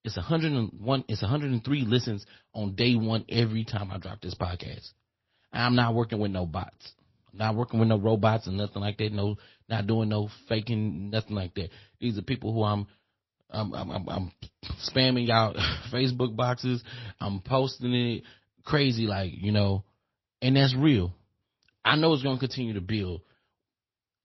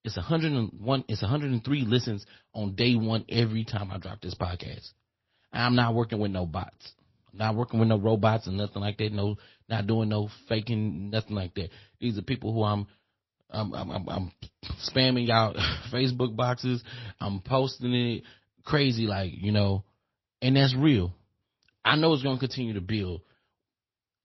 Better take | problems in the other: neither | garbled, watery; slightly; nothing above 5.5 kHz; the same in both

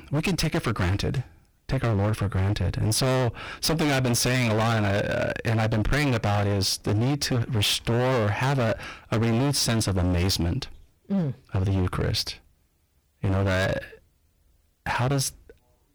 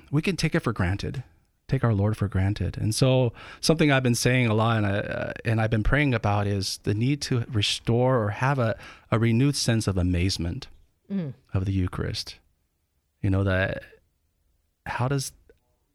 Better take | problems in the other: second | distortion; heavy; 28% of the sound clipped

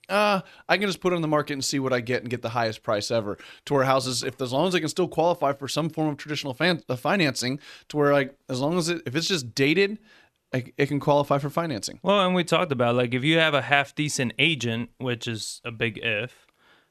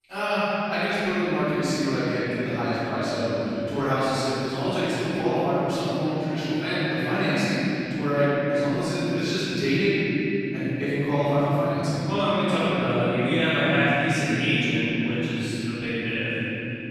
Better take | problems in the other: first | off-mic speech; far // room echo; strong; dies away in 3 s

